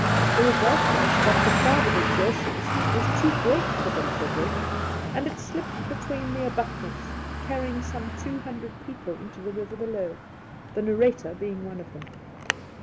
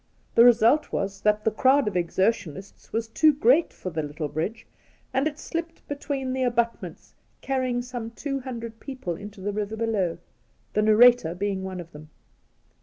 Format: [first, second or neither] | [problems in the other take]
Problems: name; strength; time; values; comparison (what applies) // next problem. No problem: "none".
second | background sound (Traffic noise, roadway noise); 3 dB above the speech